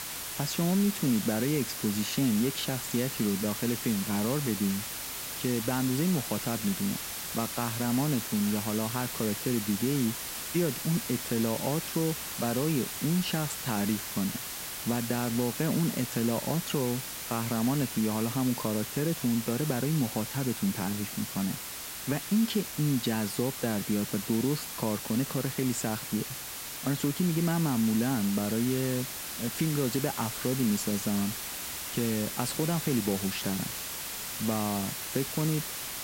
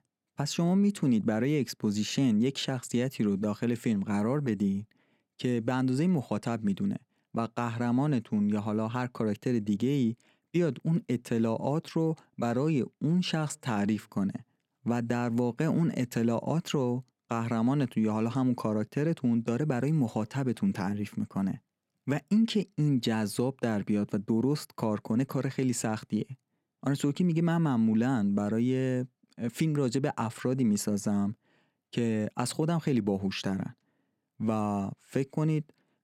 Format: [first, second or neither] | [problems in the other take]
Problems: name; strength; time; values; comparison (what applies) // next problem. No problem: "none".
second | hiss; loud; throughout; 4 dB below the speech